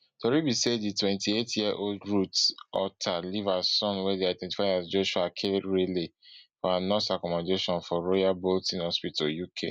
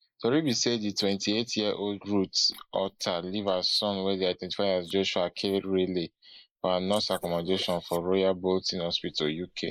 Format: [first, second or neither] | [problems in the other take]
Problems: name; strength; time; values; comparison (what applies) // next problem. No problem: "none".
first | noise reduction (neural mask model Resemble Enhance denoiser)